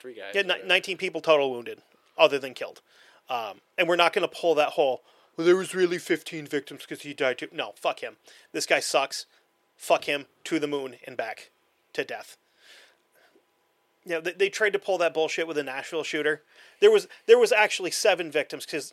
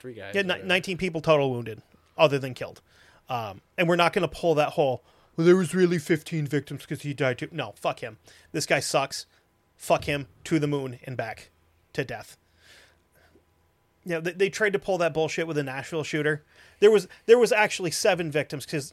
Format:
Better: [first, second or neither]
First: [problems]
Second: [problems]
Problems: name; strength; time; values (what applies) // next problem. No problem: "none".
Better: second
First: thin; somewhat; fading below 400 Hz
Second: none